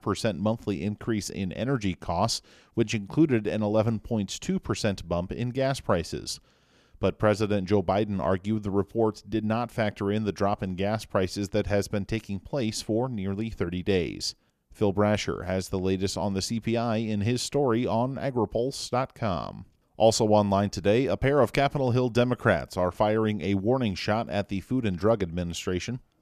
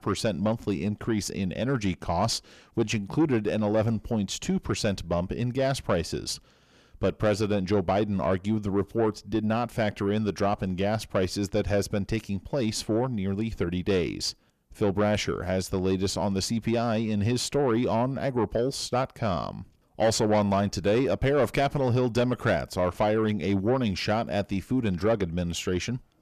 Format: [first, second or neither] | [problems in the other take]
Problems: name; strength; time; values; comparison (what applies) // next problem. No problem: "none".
first | distortion; slight; 10 dB below the speech